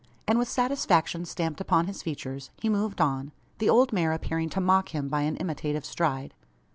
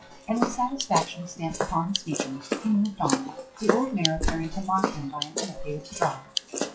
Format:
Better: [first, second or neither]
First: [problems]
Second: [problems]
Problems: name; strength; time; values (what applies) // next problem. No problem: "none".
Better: first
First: none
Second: noise reduction (classical method WPE with log-MMSE)